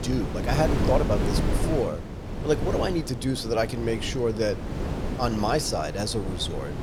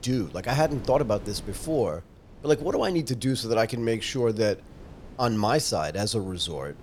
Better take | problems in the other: second | wind noise on the microphone; heavy; 7 dB below the speech; occasional gusts in the second

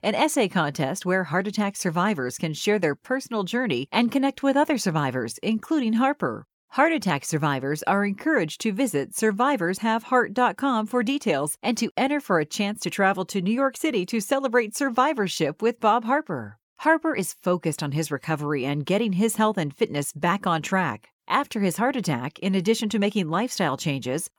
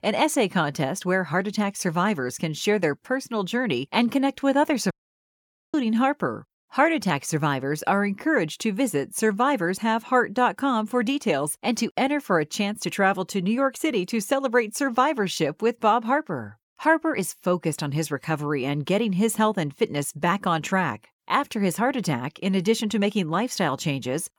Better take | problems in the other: first | audio cutting out; at 5 s for 1 s

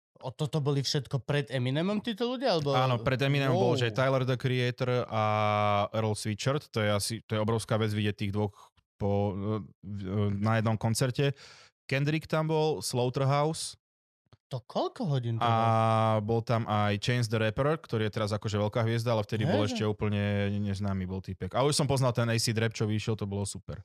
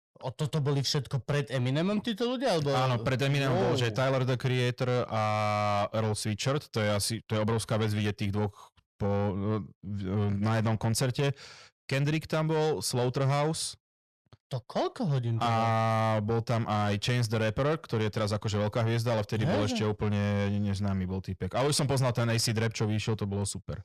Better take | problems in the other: first | distortion; slight; 10 dB below the speech

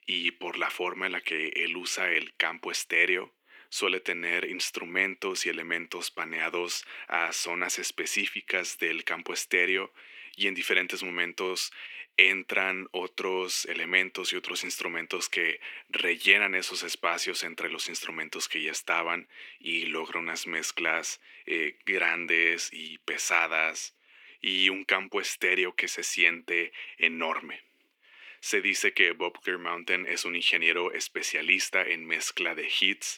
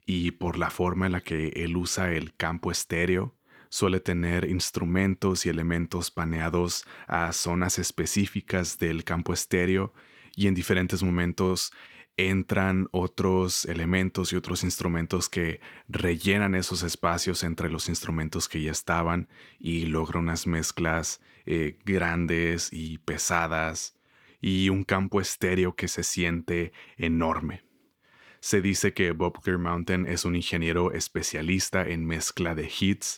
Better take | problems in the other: second | thin; very; fading below 300 Hz

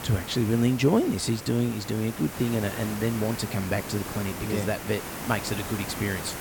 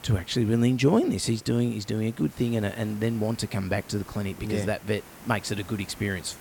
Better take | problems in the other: second | hiss; loud; throughout; 8 dB below the speech; faint in the second

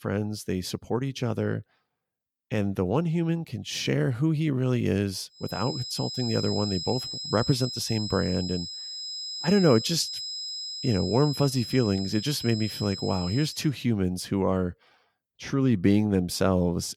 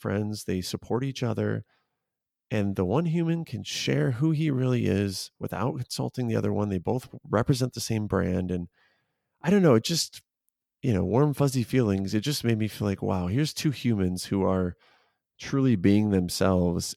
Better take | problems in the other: second | high-pitched whine; loud; from 5.5 to 14 s; 5 kHz, 6 dB below the speech

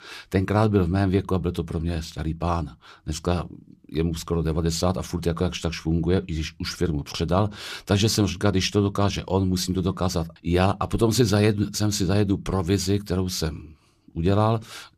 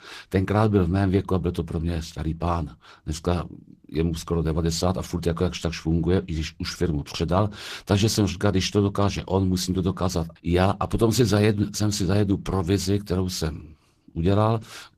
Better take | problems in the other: first | garbled, watery; slightly; nothing above 14.5 kHz

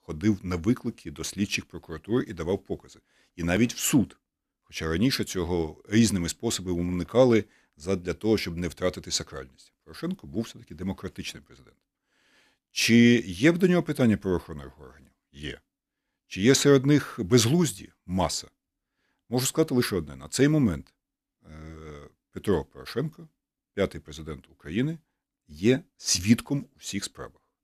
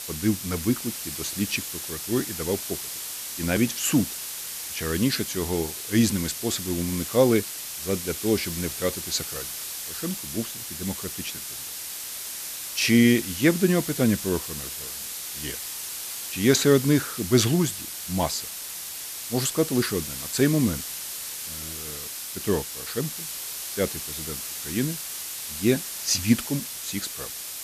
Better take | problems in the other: first | hiss; loud; throughout; 6 dB below the speech

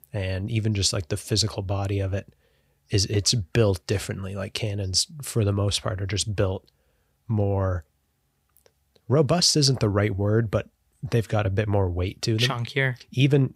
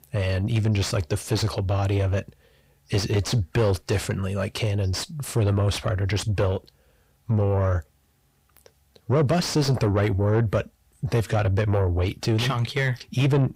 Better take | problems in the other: first | distortion; heavy; 7 dB below the speech

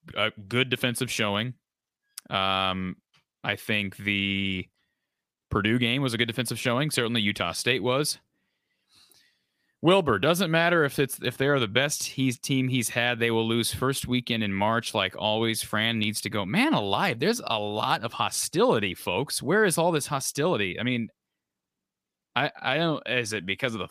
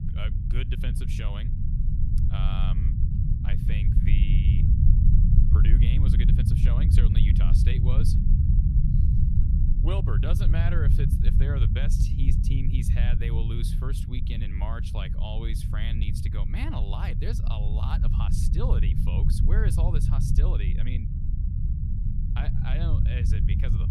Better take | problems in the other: first | low rumble; loud; throughout; as loud as the speech

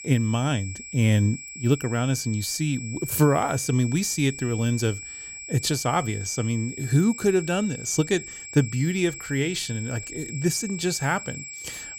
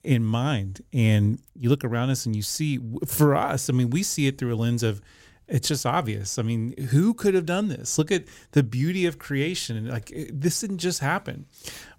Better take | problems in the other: second | high-pitched whine; noticeable; throughout; 7.5 kHz, 10 dB below the speech

